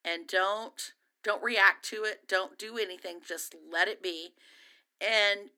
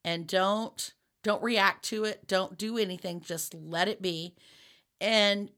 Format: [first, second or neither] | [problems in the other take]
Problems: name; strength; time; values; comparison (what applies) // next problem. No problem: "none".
second | thin; very; fading below 250 Hz